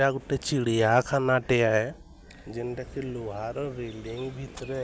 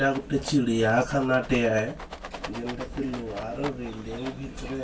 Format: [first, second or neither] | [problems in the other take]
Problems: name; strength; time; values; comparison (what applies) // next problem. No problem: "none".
first | background sound (Rattle); 14 dB below the speech // room echo; dies away in 0.1 s